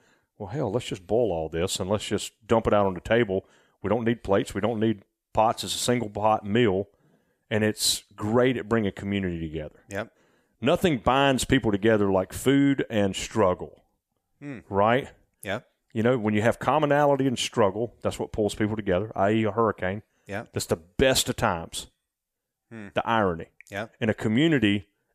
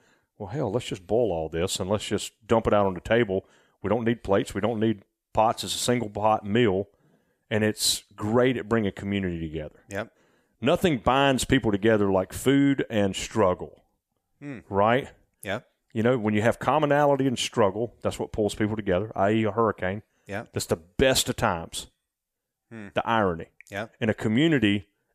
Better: neither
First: none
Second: none

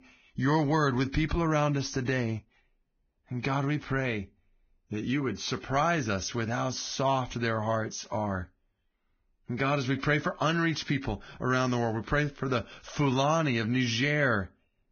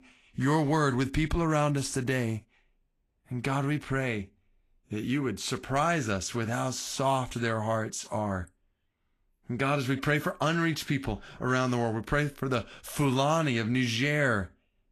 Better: second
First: garbled, watery; badly; nothing above 6.5 kHz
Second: garbled, watery; slightly; nothing above 12.5 kHz

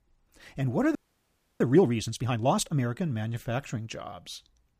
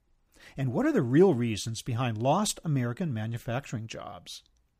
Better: second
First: audio freezing; at 1 s for 0.5 s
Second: none

